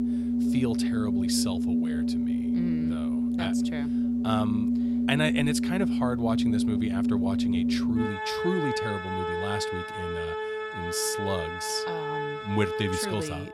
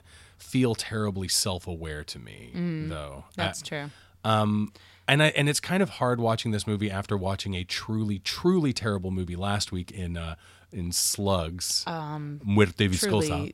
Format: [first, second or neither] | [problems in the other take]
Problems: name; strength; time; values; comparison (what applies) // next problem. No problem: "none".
second | background music; very loud; throughout; 4 dB above the speech